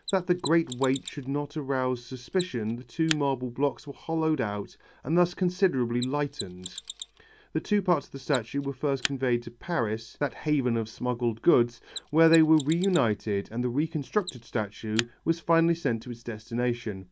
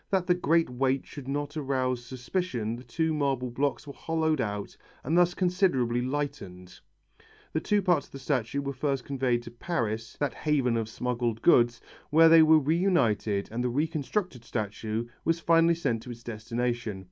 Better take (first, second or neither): second